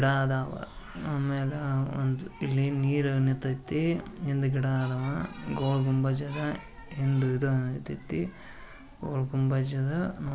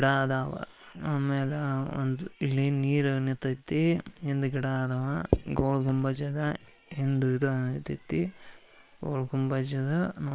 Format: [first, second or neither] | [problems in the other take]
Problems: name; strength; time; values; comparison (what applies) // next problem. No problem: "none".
first | noise reduction (neural separator model SepFormer WHAM!)